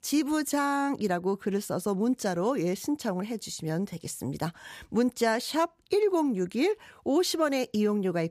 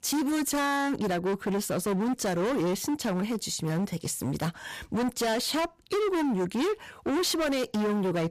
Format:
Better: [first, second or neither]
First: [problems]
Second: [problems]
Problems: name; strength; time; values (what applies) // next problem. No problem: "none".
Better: first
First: none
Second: distortion; heavy; 30% of the sound clipped